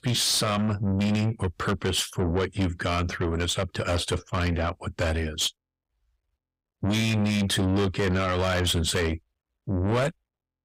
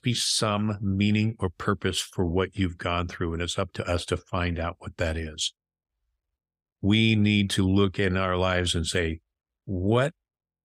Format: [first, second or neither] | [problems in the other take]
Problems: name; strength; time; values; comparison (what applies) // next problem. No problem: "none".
second | distortion; heavy; 6 dB below the speech